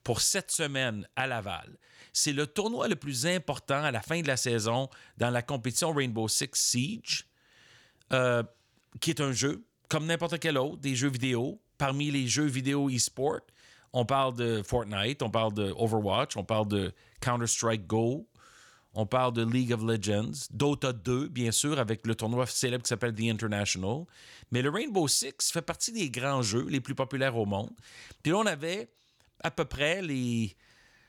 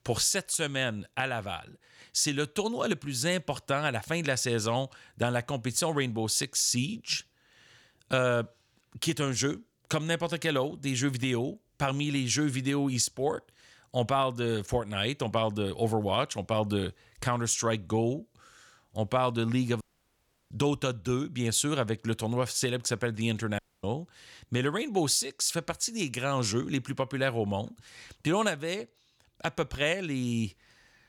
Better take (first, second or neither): first